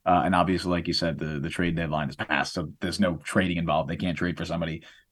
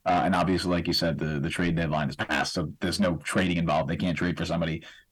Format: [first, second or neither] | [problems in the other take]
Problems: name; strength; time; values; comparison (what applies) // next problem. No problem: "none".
first | distortion; slight; 10 dB below the speech